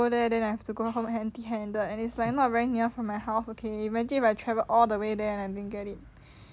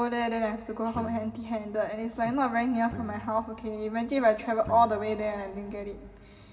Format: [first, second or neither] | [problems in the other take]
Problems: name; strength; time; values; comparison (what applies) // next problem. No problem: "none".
first | background sound (Guitar); 17 dB below the speech // room echo; dies away in 2 s